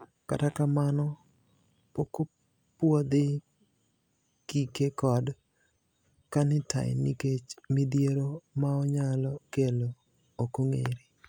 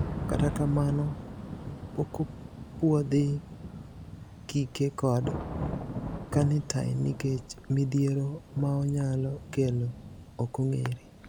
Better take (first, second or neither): first